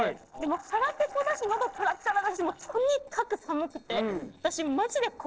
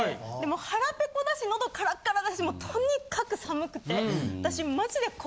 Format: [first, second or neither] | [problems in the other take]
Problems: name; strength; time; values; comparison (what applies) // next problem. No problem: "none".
second | noise reduction (neural separator model SepFormer DNS4)